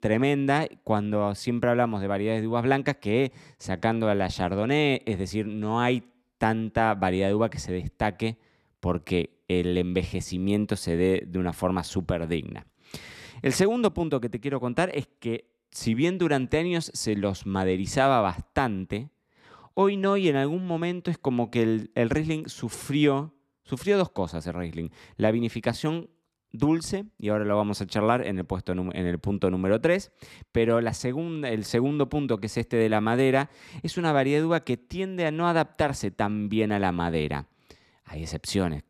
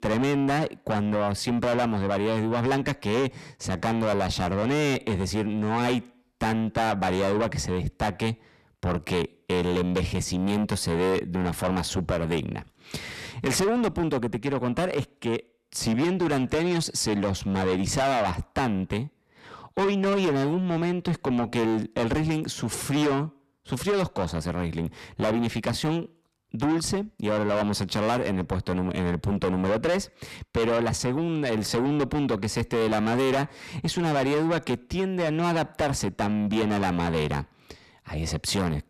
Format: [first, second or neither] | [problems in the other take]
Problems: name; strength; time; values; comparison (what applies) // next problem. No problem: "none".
first | distortion; heavy; 6 dB below the speech